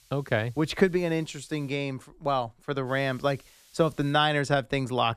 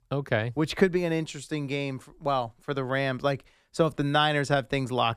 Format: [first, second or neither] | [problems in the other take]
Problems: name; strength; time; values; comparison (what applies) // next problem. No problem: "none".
second | hiss; faint; until 1.5 s and from 3 to 4 s; 30 dB below the speech